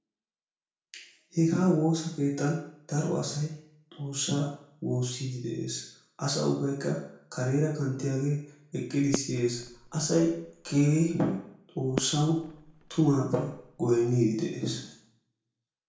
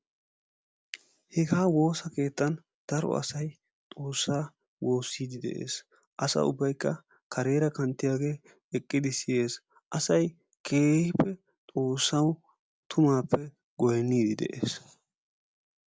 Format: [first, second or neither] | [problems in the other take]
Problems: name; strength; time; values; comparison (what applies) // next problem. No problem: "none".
second | background sound (Fireworks); 13 dB below the speech // room echo; dies away in 0.5 s